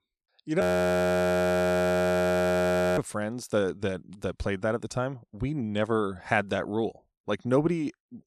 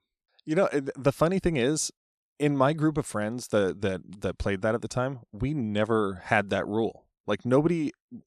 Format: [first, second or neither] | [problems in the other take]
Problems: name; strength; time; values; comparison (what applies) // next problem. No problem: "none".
second | audio freezing; at 0.5 s for 2.5 s